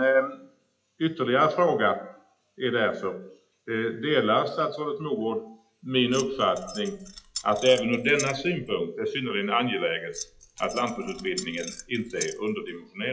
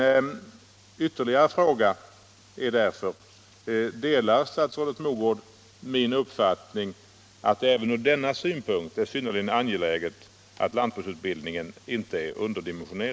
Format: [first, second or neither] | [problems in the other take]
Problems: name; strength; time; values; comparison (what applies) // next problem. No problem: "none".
second | noise reduction (classical method WPE with log-MMSE)